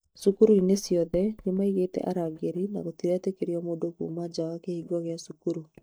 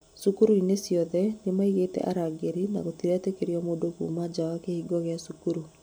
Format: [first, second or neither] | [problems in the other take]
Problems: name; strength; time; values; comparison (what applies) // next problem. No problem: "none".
second | noise reduction (neural mask model DeepFilterNet 3)